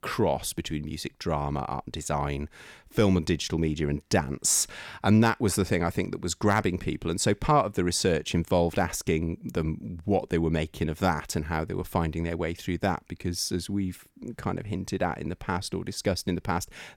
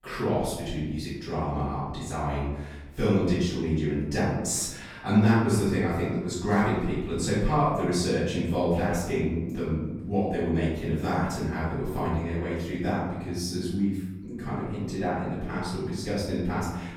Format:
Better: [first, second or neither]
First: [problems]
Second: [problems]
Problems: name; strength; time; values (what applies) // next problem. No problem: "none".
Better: first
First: none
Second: off-mic speech; far // room echo; noticeable; dies away in 1.1 s